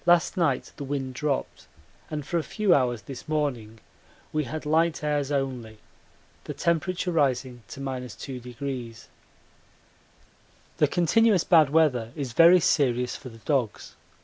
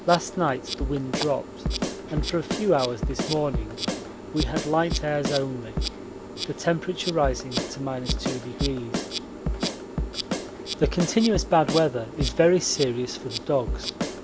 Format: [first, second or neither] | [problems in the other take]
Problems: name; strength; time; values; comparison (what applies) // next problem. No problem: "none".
first | background sound (Drum kit + Insect); 4 dB below the speech